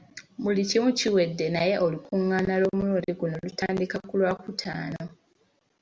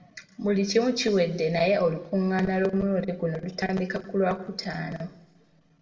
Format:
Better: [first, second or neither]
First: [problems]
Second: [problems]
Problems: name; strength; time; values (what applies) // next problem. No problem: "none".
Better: first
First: none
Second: room echo; dies away in 1.6 s